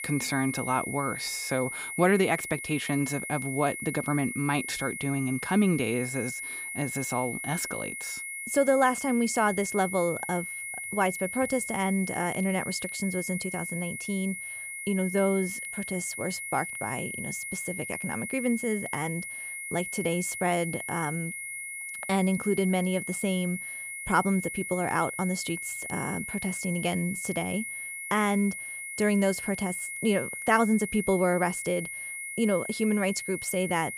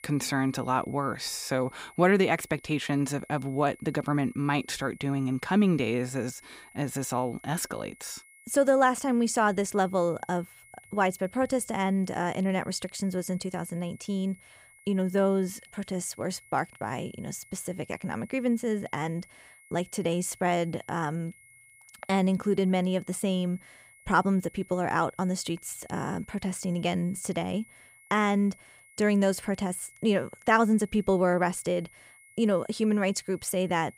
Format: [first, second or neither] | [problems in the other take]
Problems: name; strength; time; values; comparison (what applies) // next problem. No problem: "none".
second | high-pitched whine; loud; throughout; 2 kHz, 6 dB below the speech; faint in the second